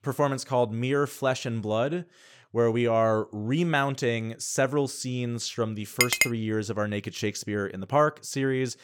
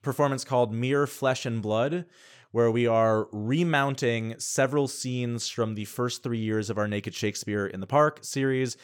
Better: second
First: clattering dishes; loud; at 6 s; peak 5 dB above the speech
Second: none

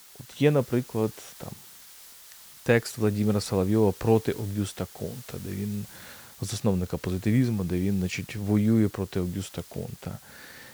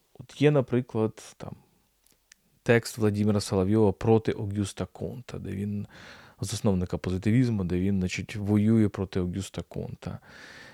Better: second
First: hiss; noticeable; throughout; 20 dB below the speech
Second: none

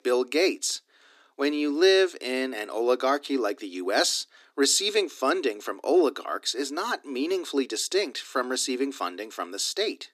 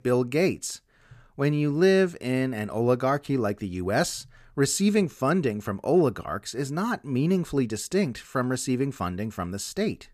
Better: second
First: thin; very slightly; fading below 250 Hz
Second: none

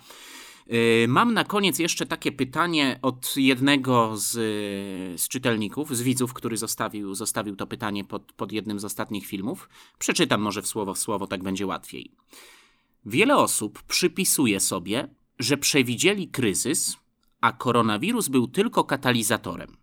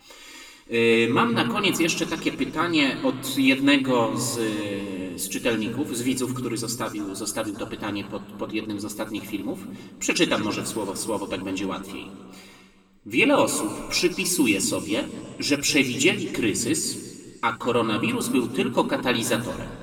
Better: first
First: none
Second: room echo; slight; dies away in 1.7 s // off-mic speech; somewhat distant

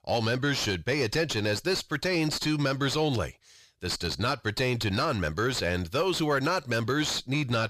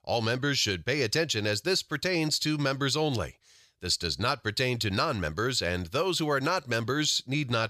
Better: second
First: distortion; slight; 10 dB below the speech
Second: none

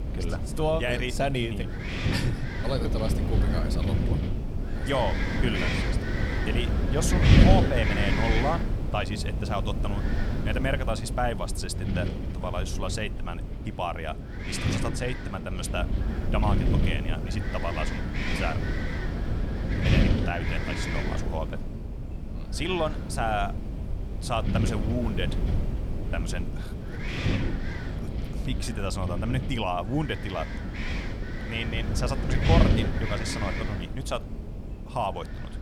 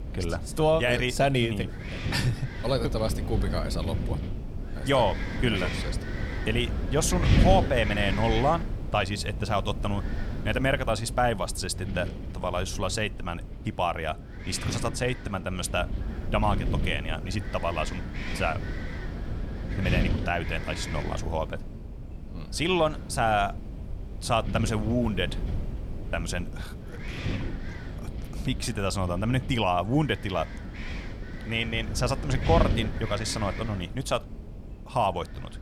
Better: second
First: wind noise on the microphone; heavy; 3 dB below the speech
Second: wind noise on the microphone; occasional gusts; 10 dB below the speech

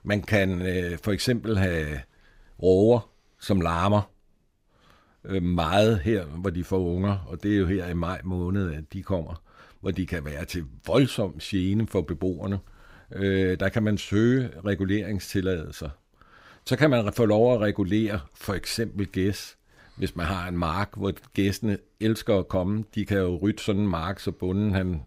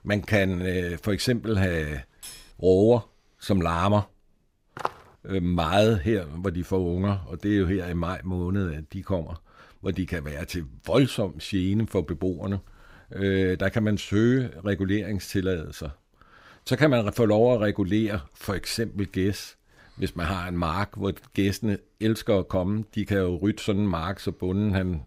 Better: first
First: none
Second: clattering dishes; faint; at 2 s; peak 15 dB below the speech // footsteps; noticeable; at 5 s; peak 8 dB below the speech

